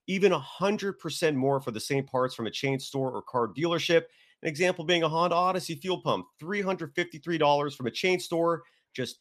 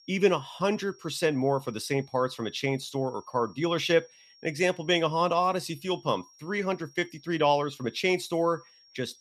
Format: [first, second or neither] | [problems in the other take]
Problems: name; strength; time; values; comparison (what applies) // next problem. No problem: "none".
first | high-pitched whine; faint; throughout; 5.5 kHz, 25 dB below the speech